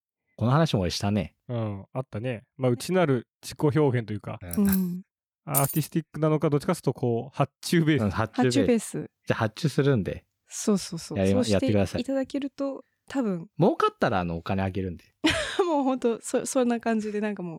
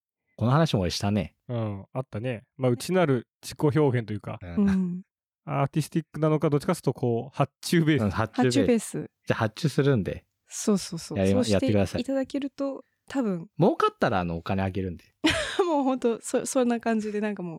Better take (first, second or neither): second